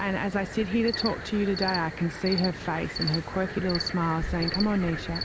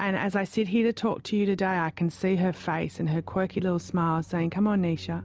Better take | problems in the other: second | background sound (Cricket); 7 dB below the speech

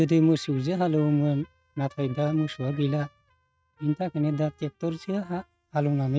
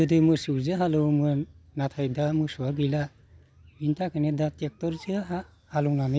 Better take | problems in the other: second | noise reduction (neural mask model RNNoise)

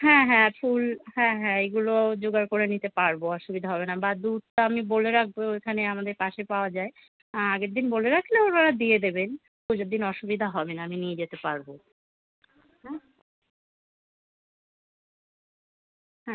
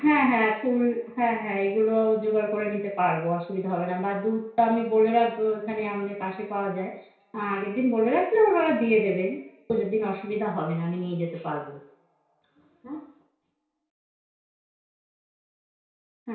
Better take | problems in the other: first | room echo; dies away in 0.6 s

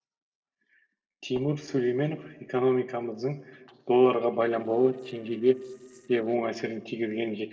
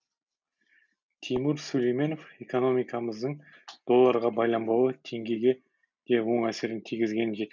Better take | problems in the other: second | noise reduction (neural separator model SepFormer DNS4)

